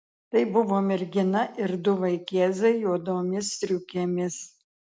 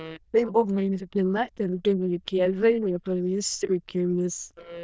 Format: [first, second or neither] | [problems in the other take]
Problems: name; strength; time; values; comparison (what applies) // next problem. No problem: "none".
first | noise reduction (neural diffusion model UNIVERSE++)